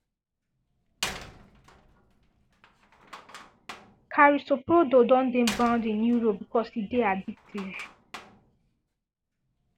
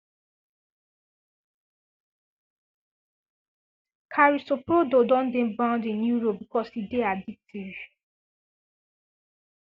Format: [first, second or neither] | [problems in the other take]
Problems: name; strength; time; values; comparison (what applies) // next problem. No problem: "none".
second | background sound (Slam); 17 dB below the speech